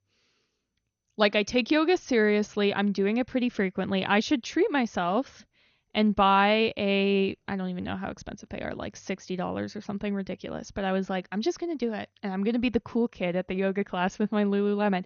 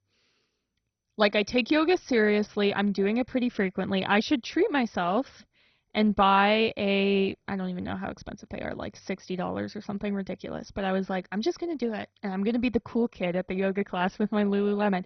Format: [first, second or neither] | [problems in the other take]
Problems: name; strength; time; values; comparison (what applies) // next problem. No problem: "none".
first | garbled, watery; badly; nothing above 6 kHz; slightly in the first